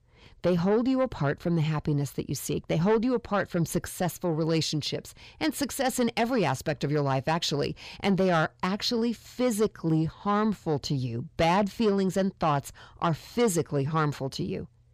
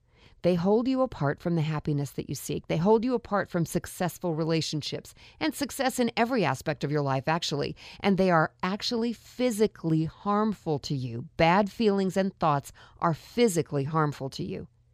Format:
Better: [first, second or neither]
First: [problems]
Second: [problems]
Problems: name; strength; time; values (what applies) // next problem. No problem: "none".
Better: second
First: distortion; slight; 10 dB below the speech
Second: none